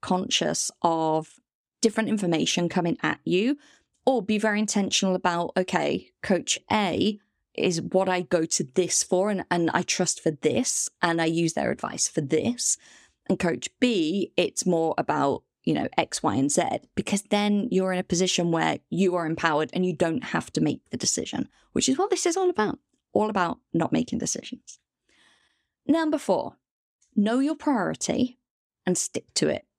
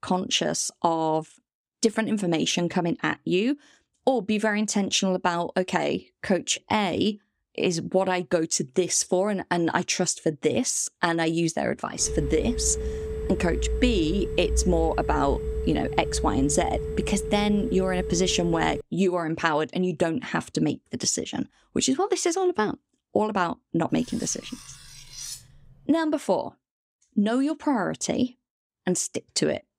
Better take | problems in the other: first | phone ringing; noticeable; from 12 to 19 s; peak 3 dB below the speech // clattering dishes; faint; from 24 to 26 s; peak 10 dB below the speech

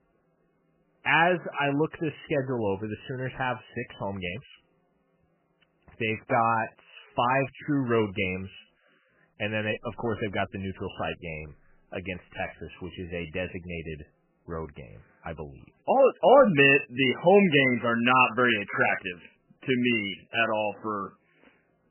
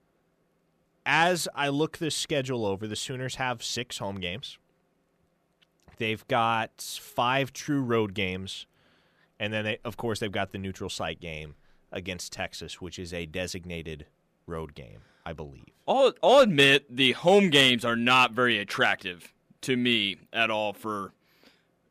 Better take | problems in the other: second | garbled, watery; badly; nothing above 3 kHz

